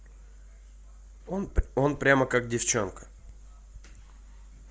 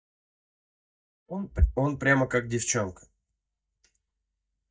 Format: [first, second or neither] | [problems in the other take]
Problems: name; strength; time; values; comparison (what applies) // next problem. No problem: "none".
first | noise reduction (neural mask model DeepFilterNet 3)